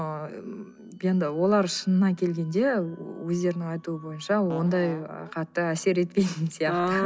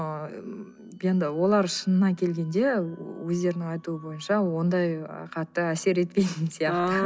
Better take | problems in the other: second | background sound (Fart); 14 dB below the speech

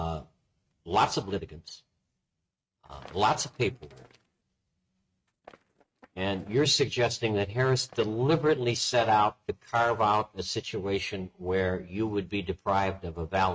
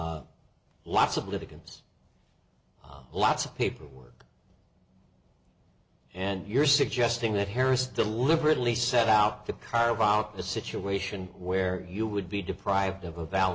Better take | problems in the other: second | noise reduction (neural mask model RNNoise)

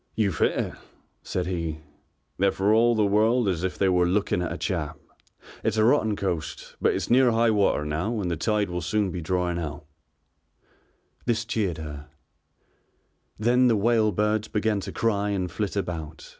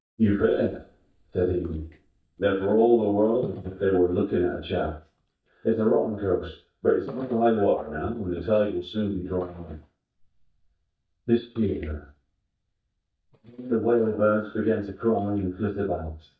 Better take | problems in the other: first | noise reduction (neural mask model DeepFilterNet 3)

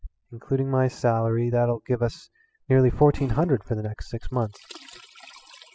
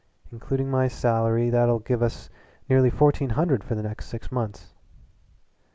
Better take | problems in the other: second | noise reduction (classical method spectral subtraction)

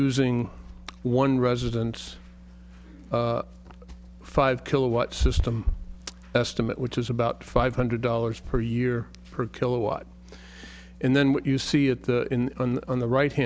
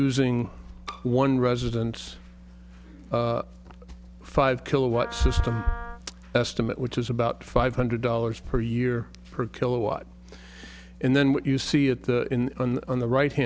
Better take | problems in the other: first | background sound (Wind instrument, woodwind instrument + Bowed string instrument); 15 dB below the speech

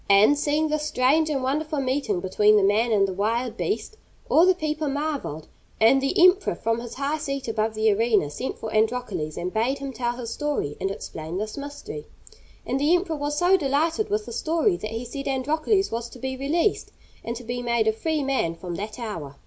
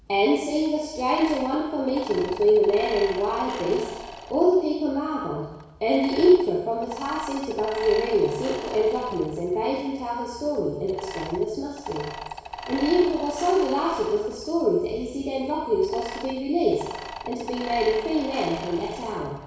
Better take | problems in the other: first | background sound (Mechanisms); 14 dB below the speech // room echo; dies away in 1.1 s

